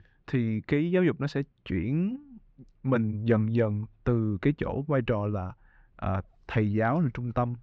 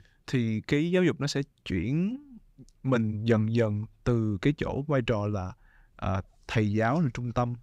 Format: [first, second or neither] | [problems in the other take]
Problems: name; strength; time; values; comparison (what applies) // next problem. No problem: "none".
second | muffled; slightly; fading above 2.5 kHz